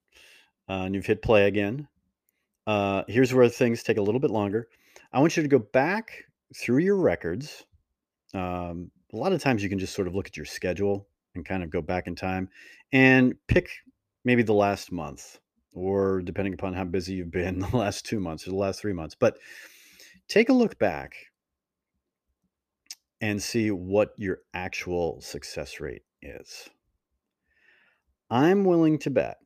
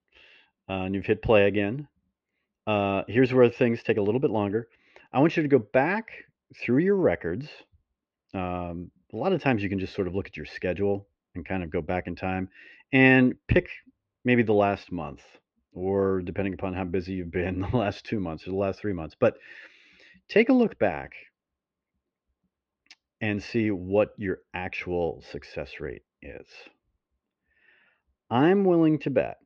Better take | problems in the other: first | muffled; slightly; fading above 4 kHz

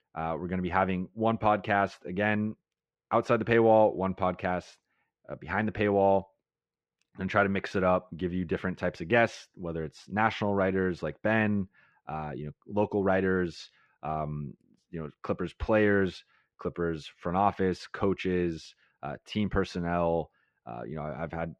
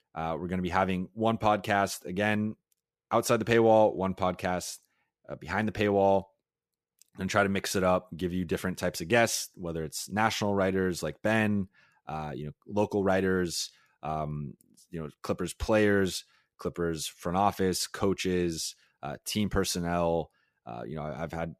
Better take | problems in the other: second | muffled; slightly; fading above 2 kHz

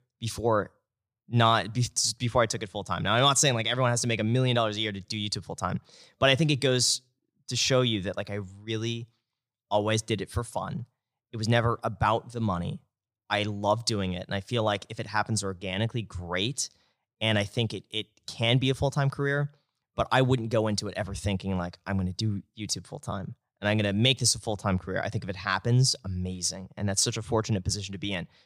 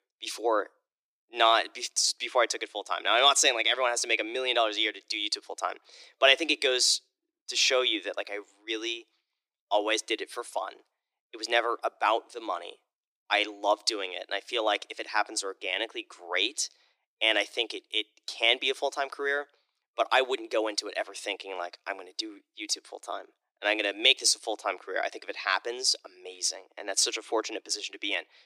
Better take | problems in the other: first | thin; very; fading below 300 Hz

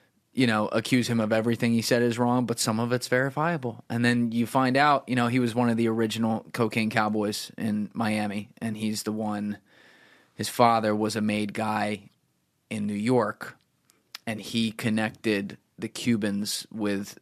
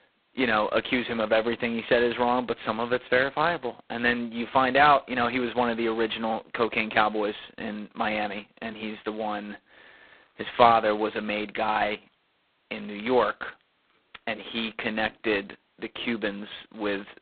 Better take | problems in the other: first | phone-call audio; poor line; nothing above 4 kHz

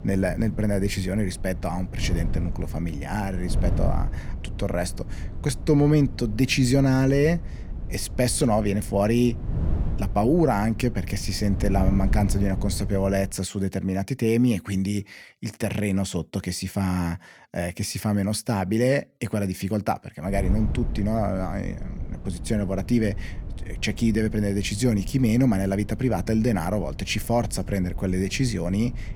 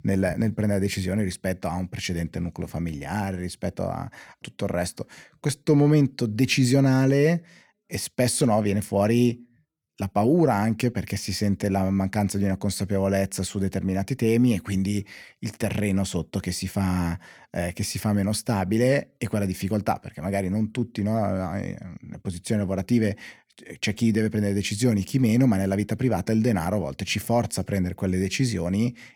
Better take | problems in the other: second | wind noise on the microphone; occasional gusts; until 13 s and from 20 s on; 15 dB below the speech

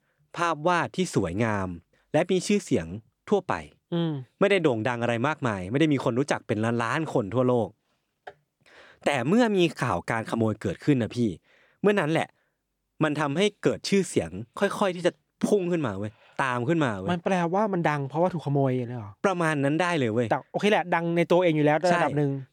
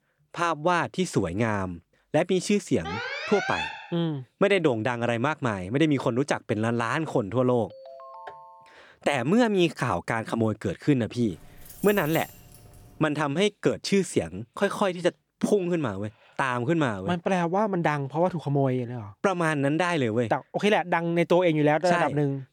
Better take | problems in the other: first | alarm; noticeable; from 3 to 4 s; peak 3 dB below the speech // phone ringing; faint; from 7.5 to 9 s; peak 20 dB below the speech // jangling keys; faint; from 11 to 13 s; peak 10 dB below the speech

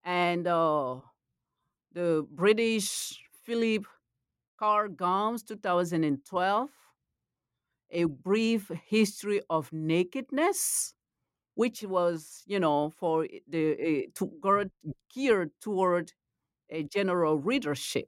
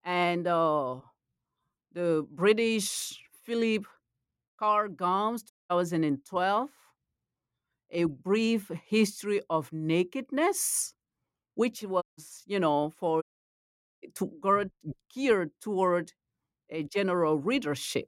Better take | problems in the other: first | audio cutting out; at 5.5 s, at 12 s and at 13 s for 1 s

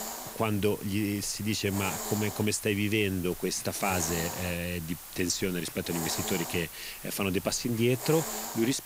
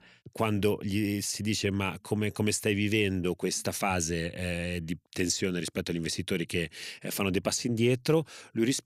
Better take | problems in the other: second | hiss; loud; throughout; 7 dB below the speech

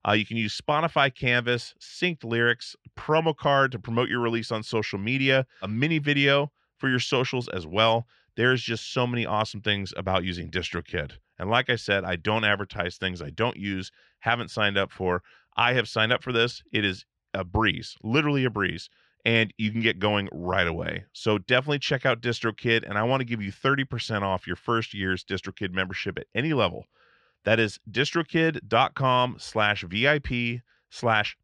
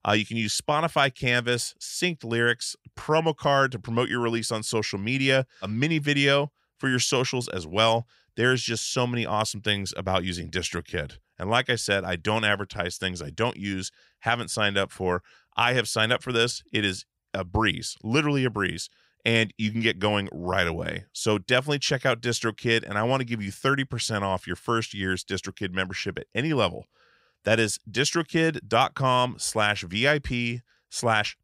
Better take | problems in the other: second | muffled; slightly; fading above 3 kHz

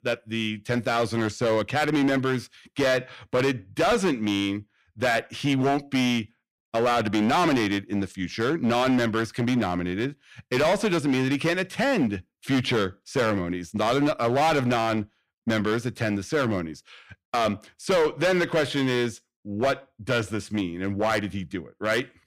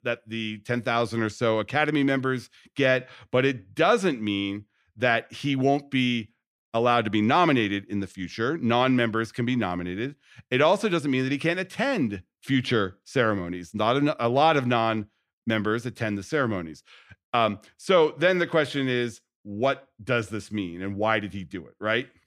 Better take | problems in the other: second | distortion; heavy; 11% of the sound clipped

